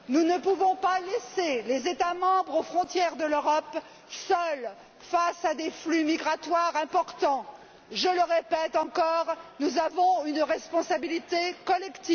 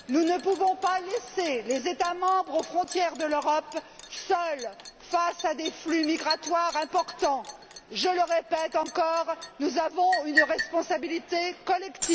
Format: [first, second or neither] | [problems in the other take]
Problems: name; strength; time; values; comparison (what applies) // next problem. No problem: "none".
first | background sound (Liquid); 10 dB below the speech